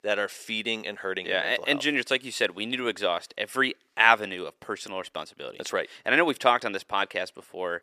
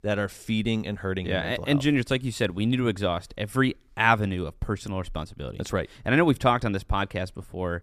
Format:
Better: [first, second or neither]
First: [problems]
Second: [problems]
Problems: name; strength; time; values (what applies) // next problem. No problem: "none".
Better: second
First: thin; somewhat; fading below 450 Hz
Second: none